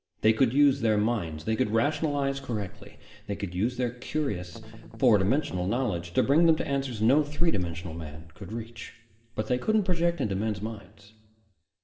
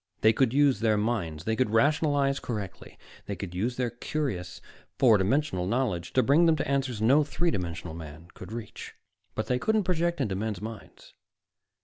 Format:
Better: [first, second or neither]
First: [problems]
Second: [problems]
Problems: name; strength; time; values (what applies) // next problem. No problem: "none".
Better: second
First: background sound (Strum); 17 dB below the speech // room echo; dies away in 1.9 s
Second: none